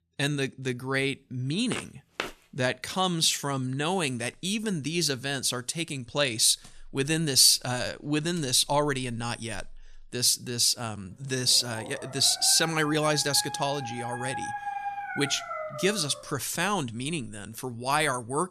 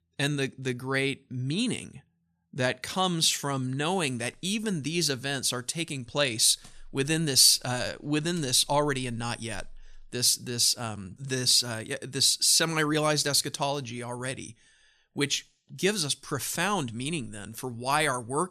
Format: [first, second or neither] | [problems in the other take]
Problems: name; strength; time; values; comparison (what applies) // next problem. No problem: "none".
second | footsteps; noticeable; at 1.5 s; peak 10 dB below the speech // dog barking; noticeable; from 12 to 16 s; peak 7 dB below the speech